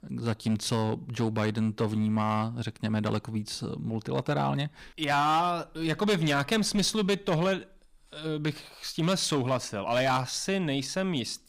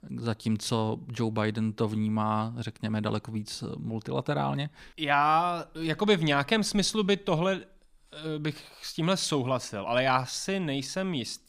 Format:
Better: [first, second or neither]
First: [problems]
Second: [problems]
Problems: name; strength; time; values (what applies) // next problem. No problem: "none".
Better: second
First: distortion; slight; 6% of the sound clipped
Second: none